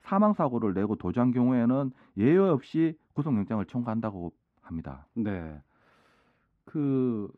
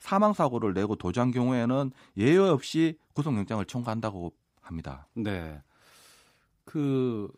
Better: second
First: muffled; very; fading above 3.5 kHz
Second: none

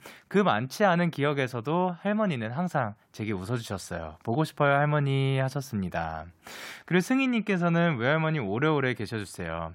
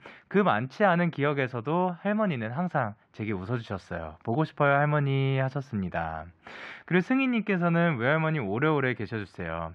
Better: first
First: none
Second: muffled; slightly; fading above 2.5 kHz

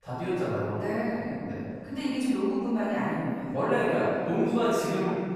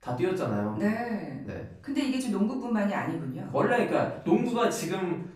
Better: second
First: room echo; strong; dies away in 2 s // off-mic speech; far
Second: room echo; slight; dies away in 0.5 s // off-mic speech; far

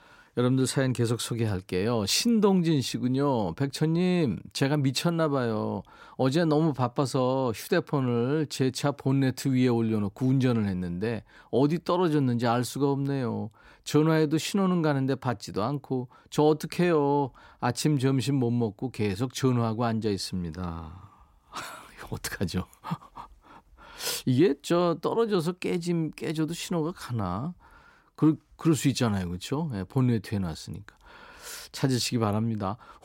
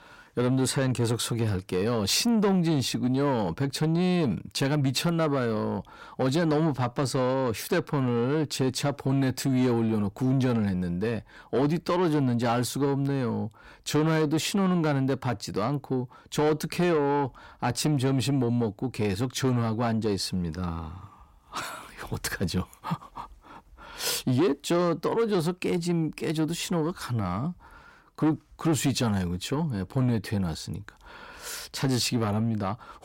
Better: first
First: none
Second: distortion; slight; 10 dB below the speech

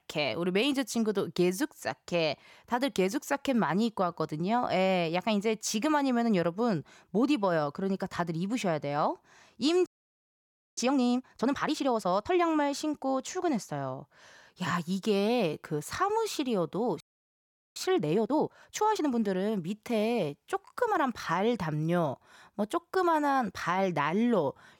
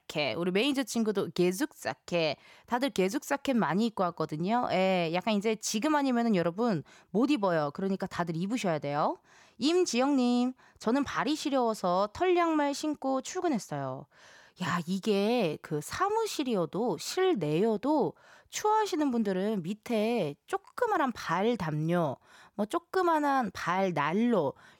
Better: second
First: audio freezing; at 10 s for 1 s and at 17 s for 1 s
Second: none

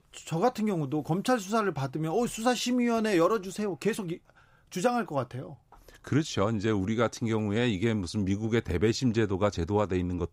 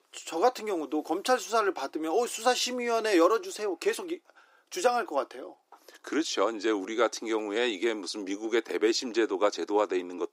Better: first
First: none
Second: thin; somewhat; fading below 300 Hz

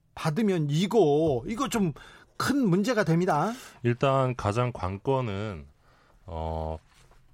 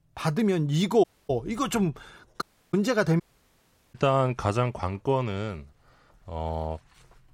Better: first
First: none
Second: audio cutting out; at 1 s, at 2.5 s and at 3 s for 0.5 s

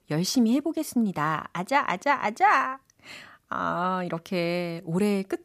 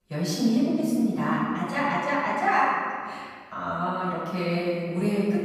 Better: first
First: none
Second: off-mic speech; far // room echo; strong; dies away in 2 s

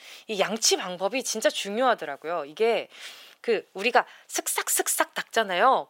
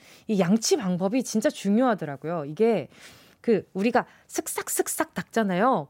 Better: second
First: thin; very; fading below 550 Hz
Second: none

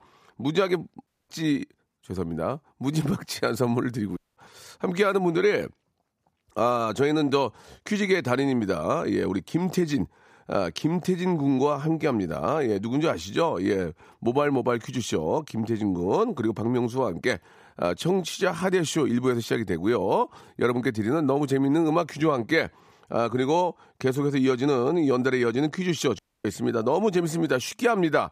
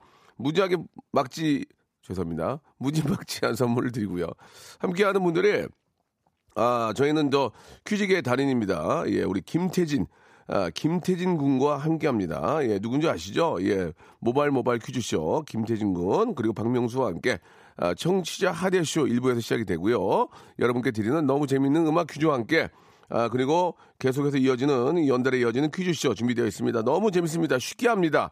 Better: second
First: audio cutting out; at 1 s, at 4 s and at 26 s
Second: none

